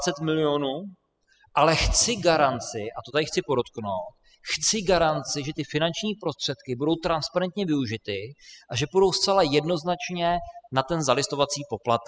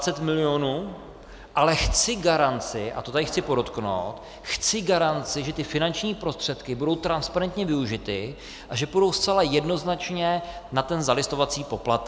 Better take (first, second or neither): second